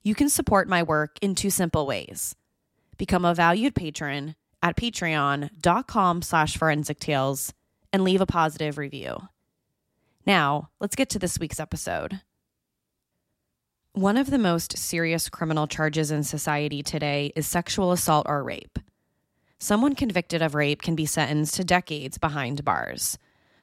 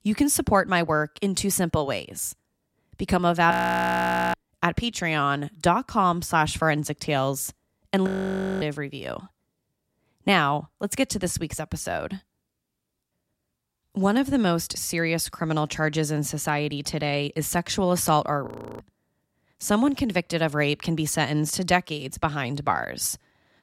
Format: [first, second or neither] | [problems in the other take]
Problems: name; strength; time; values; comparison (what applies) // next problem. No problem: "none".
first | audio freezing; at 3.5 s for 1 s, at 8 s for 0.5 s and at 18 s